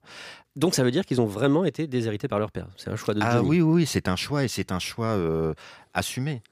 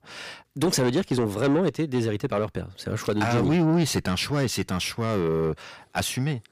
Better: first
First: none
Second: distortion; slight; 10 dB below the speech

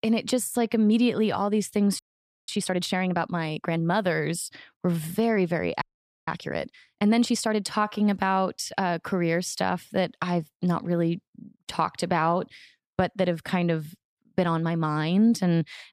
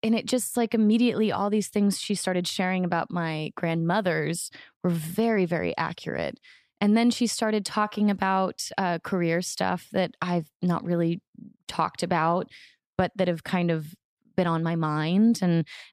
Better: second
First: audio freezing; at 2 s and at 6 s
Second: none

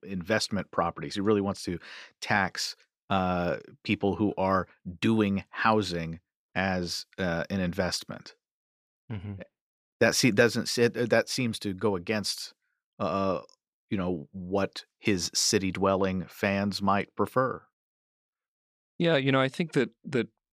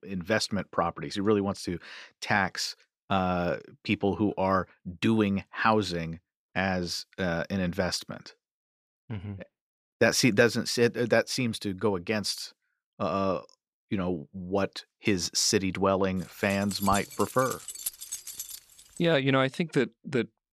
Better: first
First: none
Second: jangling keys; noticeable; from 17 to 19 s; peak 6 dB below the speech

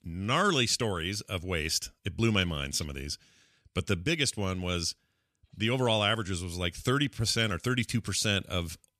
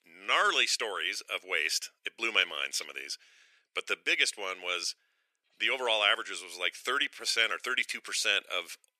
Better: first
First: none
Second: thin; very; fading below 400 Hz

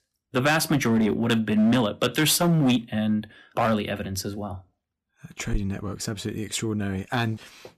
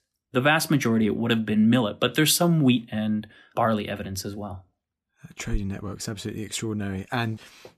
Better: second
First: distortion; slight; 6% of the sound clipped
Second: none

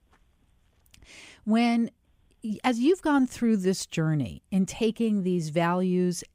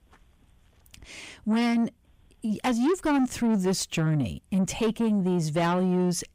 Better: first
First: none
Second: distortion; slight; 10 dB below the speech

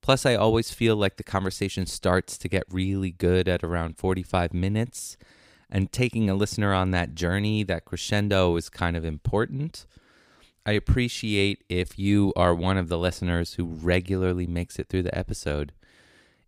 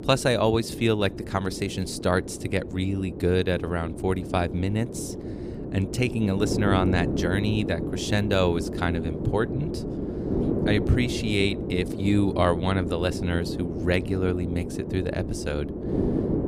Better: first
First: none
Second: wind noise on the microphone; heavy; 7 dB below the speech

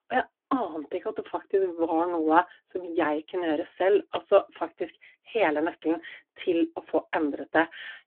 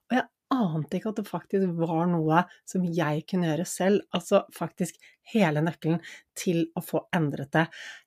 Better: second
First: phone-call audio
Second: none

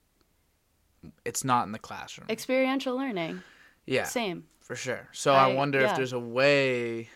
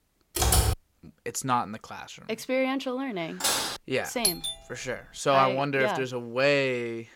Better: first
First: none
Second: keyboard typing; loud; at 0.5 s; peak 5 dB above the speech // clattering dishes; loud; at 3.5 s; peak 2 dB above the speech // doorbell; loud; at 4 s; peak 1 dB above the speech

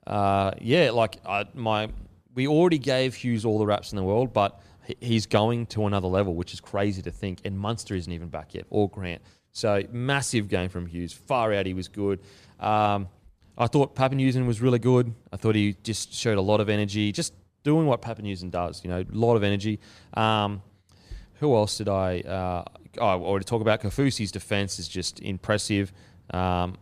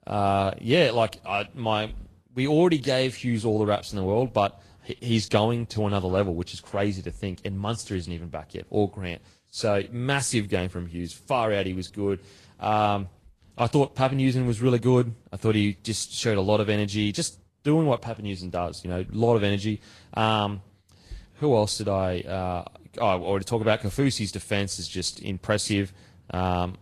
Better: first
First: none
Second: garbled, watery; slightly

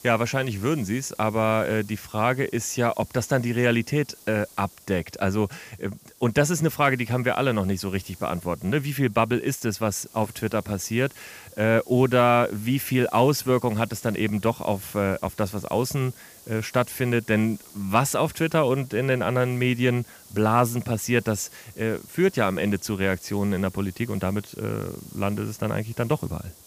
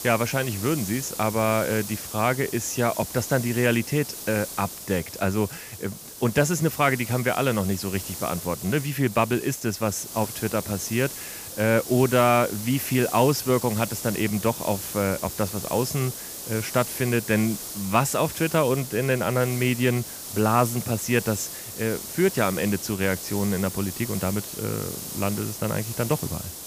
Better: first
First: hiss; faint; throughout; 20 dB below the speech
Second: hiss; loud; throughout; 9 dB below the speech

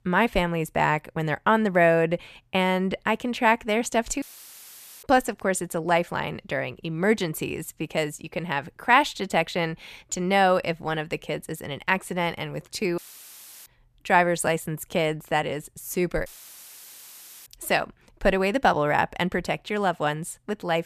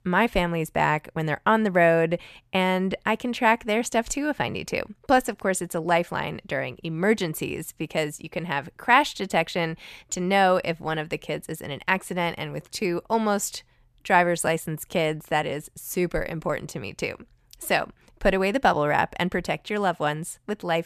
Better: second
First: audio cutting out; filled with static; at 4 s for 1 s, at 13 s for 0.5 s and at 16 s for 1 s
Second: none

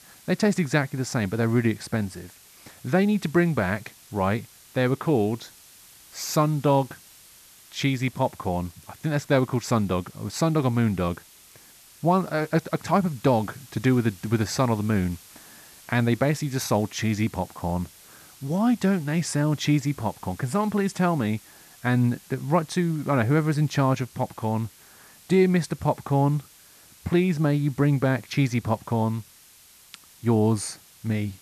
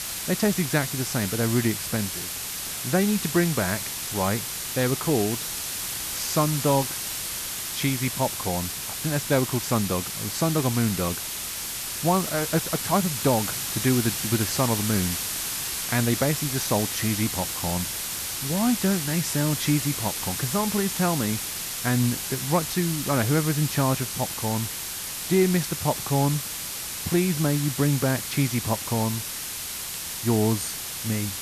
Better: first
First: hiss; faint; throughout; 25 dB below the speech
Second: hiss; loud; throughout; 3 dB below the speech

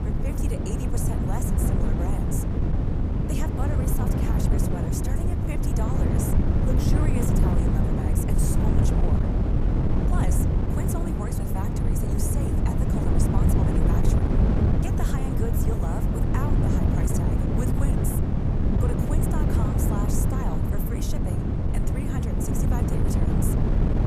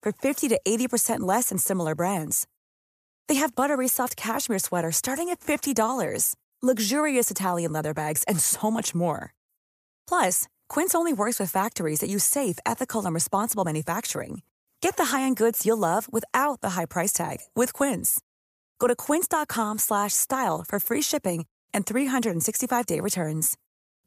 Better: second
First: wind noise on the microphone; heavy; 5 dB above the speech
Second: none

